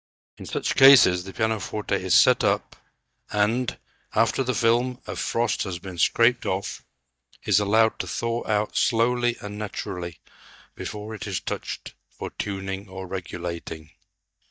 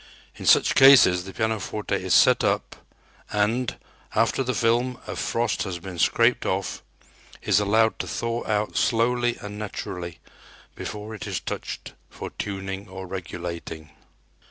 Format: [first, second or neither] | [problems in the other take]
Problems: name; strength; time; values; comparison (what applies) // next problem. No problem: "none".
second | noise reduction (neural mask model DeepFilterNet 3)